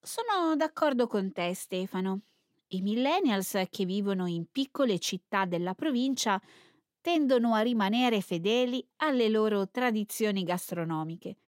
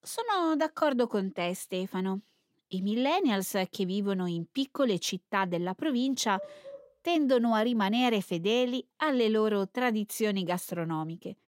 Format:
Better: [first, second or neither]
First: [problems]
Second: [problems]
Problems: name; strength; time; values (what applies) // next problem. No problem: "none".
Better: first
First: none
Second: dog barking; faint; at 6.5 s; peak 15 dB below the speech